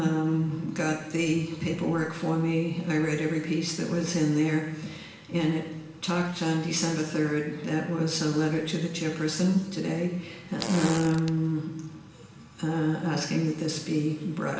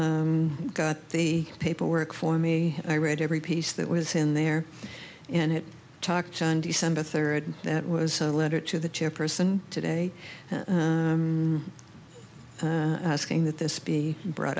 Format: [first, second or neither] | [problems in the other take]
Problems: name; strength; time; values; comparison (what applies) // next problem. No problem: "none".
second | background sound (Fart); 9 dB below the speech // room echo; dies away in 1.1 s